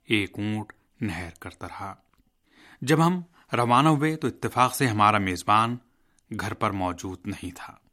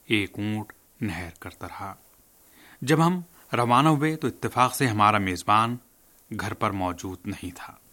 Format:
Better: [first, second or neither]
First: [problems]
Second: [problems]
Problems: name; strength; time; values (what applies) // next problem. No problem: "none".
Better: first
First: none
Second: hiss; faint; throughout; 30 dB below the speech